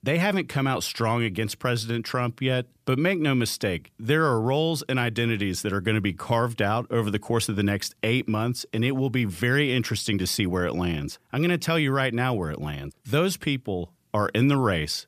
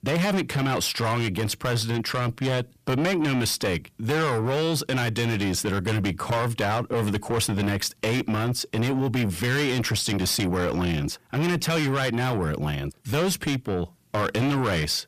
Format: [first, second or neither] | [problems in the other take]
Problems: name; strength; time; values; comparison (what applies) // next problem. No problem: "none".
first | distortion; heavy; 6 dB below the speech